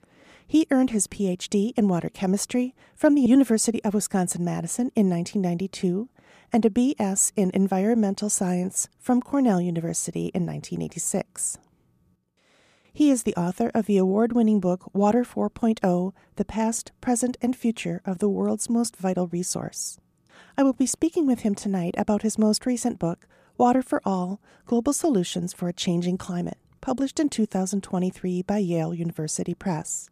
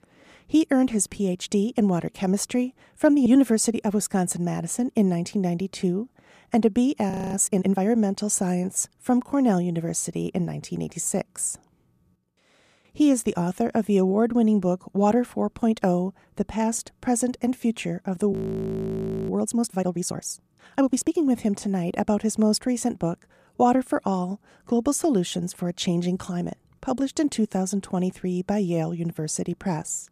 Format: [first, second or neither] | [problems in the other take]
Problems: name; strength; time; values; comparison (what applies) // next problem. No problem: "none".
first | audio freezing; at 7 s and at 18 s for 1 s